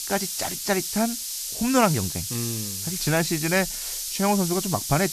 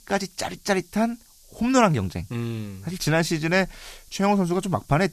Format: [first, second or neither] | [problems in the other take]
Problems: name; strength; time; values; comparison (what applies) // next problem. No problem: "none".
second | hiss; loud; throughout; 3 dB below the speech; faint in the second